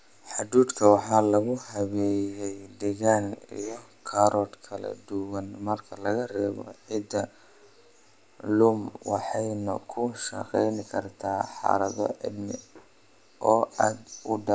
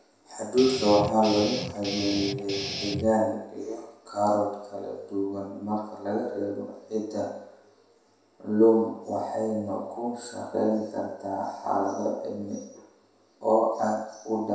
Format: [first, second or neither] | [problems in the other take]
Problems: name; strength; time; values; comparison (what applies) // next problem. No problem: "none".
first | background sound (Guitar); 6 dB below the speech // room echo; dies away in 0.7 s